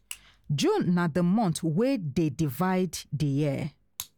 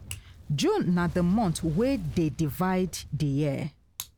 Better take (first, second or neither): first